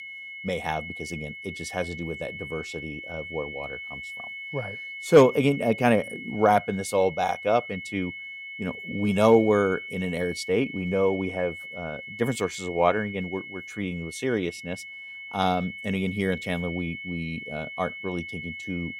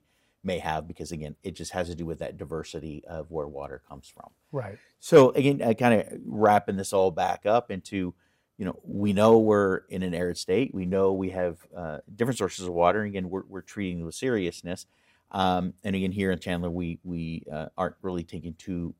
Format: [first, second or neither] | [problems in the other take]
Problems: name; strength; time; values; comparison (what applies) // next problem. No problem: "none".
second | high-pitched whine; noticeable; throughout; 2 kHz, 10 dB below the speech